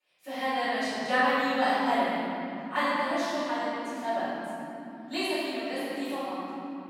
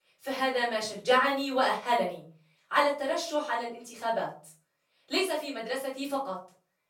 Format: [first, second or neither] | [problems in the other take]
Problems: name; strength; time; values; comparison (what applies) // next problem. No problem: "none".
second | room echo; strong; dies away in 3 s; slight in the second // off-mic speech; far; far in the second